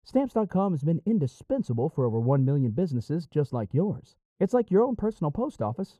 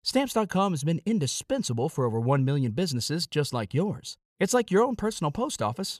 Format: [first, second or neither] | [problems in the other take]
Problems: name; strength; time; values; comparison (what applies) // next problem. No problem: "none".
second | muffled; very; fading above 1.5 kHz